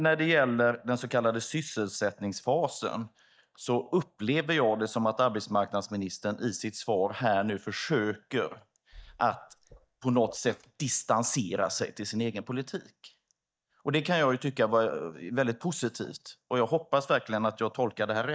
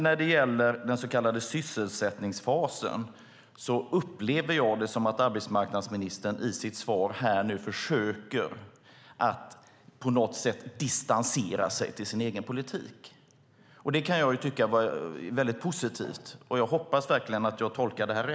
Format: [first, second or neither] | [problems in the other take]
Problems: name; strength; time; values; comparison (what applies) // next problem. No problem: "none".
second | noise reduction (neural mask model DeepFilterNet 3)